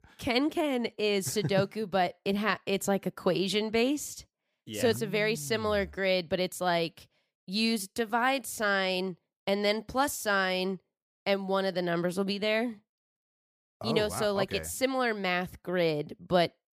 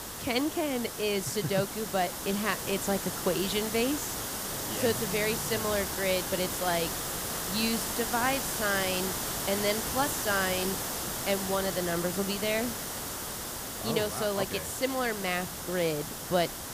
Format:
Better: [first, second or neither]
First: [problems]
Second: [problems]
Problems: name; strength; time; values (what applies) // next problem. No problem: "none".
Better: first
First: none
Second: hiss; loud; throughout; 2 dB below the speech